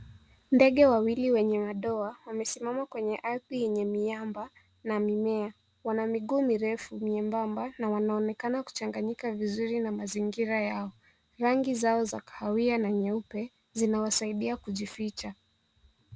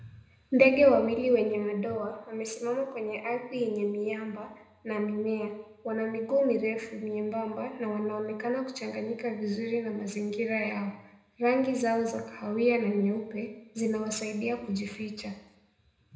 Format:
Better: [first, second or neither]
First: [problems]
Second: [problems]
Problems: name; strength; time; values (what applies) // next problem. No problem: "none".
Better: first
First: none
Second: room echo; dies away in 0.8 s